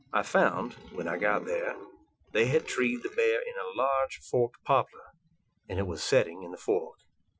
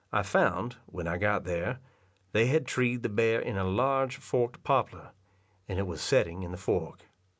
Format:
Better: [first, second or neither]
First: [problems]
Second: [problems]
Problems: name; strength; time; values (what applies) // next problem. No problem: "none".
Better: second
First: noise reduction (classical method Wiener filter)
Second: none